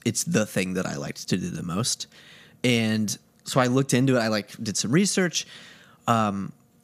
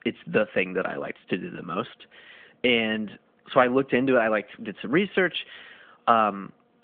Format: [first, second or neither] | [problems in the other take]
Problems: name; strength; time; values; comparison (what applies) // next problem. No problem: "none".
first | phone-call audio; nothing above 3.5 kHz